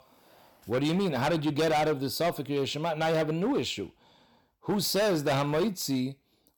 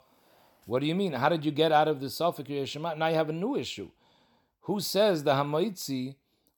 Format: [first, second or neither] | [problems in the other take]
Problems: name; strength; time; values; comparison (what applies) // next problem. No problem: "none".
second | distortion; heavy; 13% of the sound clipped